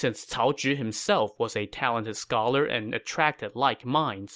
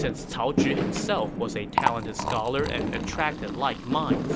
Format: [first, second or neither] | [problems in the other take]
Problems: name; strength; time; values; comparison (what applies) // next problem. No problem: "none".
first | background sound (Liquid + Fireworks); 1 dB above the speech